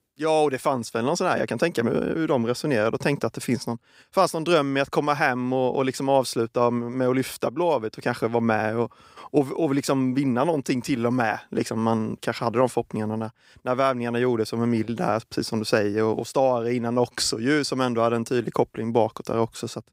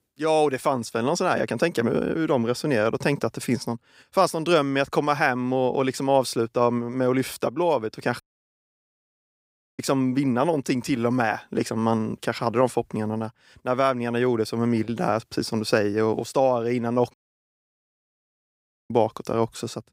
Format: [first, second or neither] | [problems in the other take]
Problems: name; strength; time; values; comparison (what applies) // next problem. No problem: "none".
first | audio cutting out; at 8 s for 1.5 s and at 17 s for 2 s